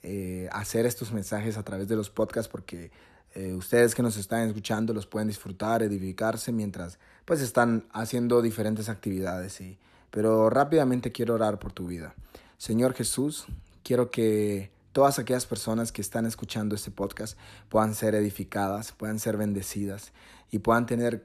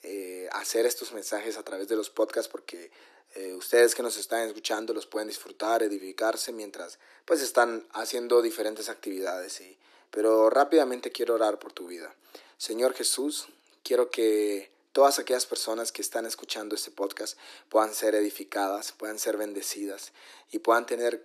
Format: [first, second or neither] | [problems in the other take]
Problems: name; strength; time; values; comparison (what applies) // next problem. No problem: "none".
first | thin; very; fading below 300 Hz